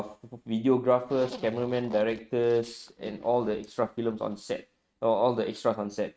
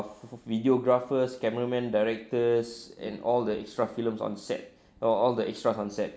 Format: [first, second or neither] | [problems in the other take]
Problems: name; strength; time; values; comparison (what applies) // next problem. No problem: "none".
second | noise reduction (neural mask model RNNoise)